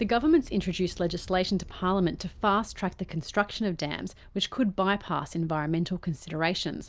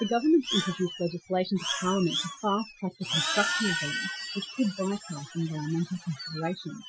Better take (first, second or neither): first